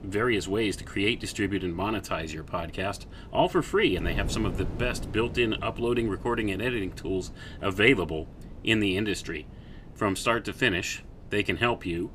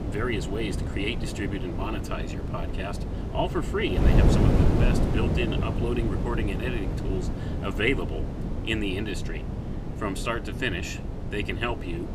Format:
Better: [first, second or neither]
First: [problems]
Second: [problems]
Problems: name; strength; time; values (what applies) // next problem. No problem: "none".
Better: first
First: wind noise on the microphone; occasional gusts; 20 dB below the speech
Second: wind noise on the microphone; heavy; 4 dB below the speech